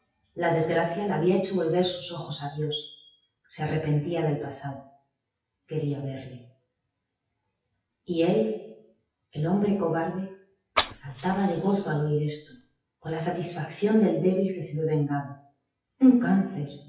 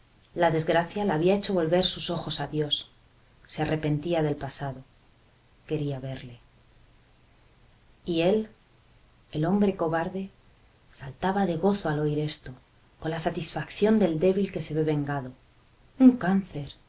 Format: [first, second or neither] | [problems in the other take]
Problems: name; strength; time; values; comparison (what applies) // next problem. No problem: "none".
second | noise reduction (classical method WPE with log-MMSE)